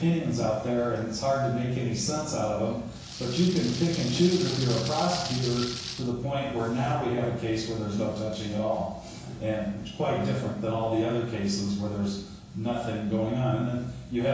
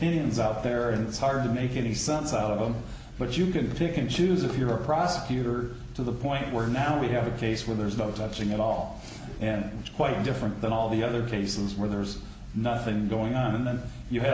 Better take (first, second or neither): second